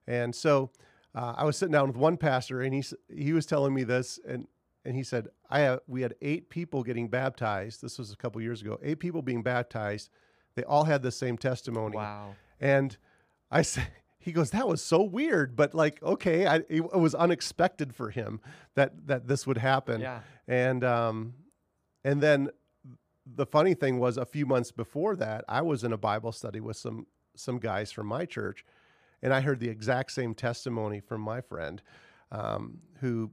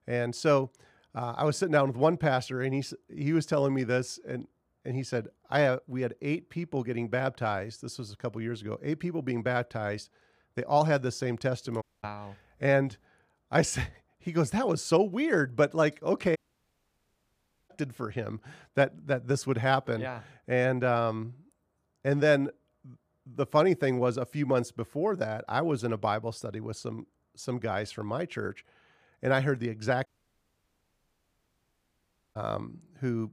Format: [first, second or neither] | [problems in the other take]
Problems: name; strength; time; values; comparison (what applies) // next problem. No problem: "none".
first | audio cutting out; at 12 s, at 16 s for 1.5 s and at 30 s for 2.5 s